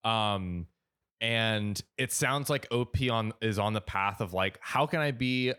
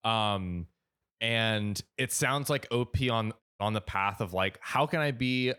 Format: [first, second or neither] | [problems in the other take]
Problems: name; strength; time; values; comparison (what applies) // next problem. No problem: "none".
first | audio cutting out; at 3.5 s